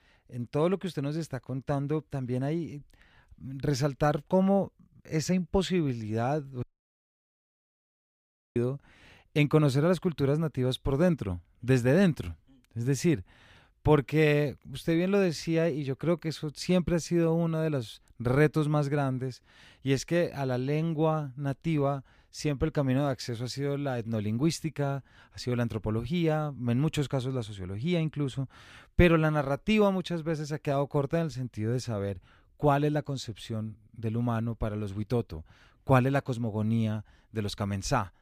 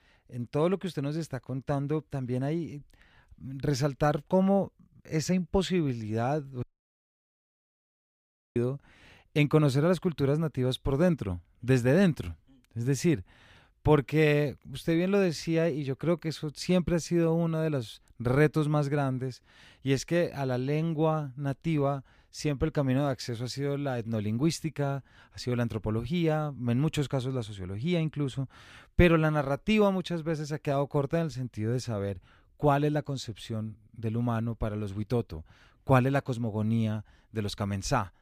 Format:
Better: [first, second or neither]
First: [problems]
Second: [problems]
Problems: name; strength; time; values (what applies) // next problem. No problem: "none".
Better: neither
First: audio cutting out; at 6.5 s for 2 s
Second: audio cutting out; at 6.5 s for 2 s